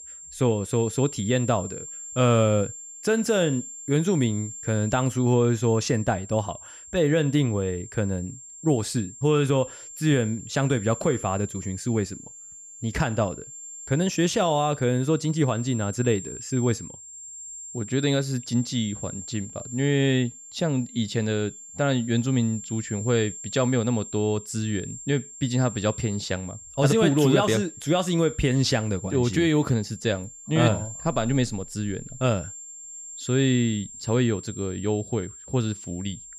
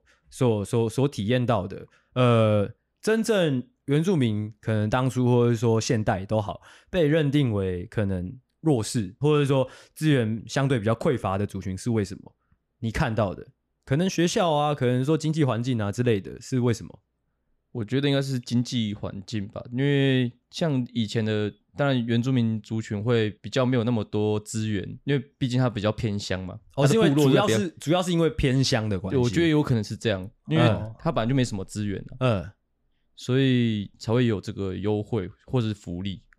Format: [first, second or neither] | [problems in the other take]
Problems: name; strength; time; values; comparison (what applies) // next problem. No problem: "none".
second | high-pitched whine; noticeable; throughout; 7.5 kHz, 15 dB below the speech